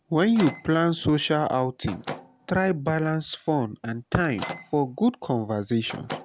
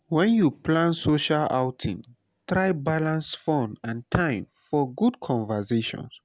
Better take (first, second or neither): second